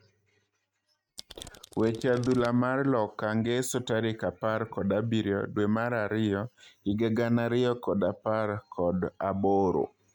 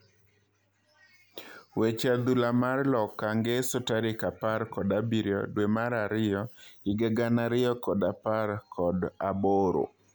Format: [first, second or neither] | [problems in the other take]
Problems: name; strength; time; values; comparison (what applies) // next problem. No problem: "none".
second | noise reduction (neural mask model RNNoise)